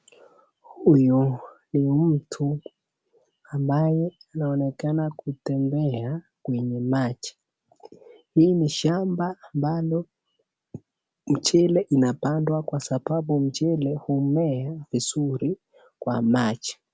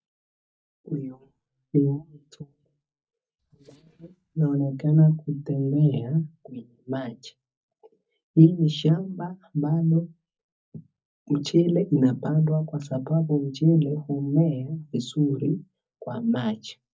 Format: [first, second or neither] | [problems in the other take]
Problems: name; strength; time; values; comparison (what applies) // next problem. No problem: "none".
first | noise reduction (neural mask model DeepFilterNet 3)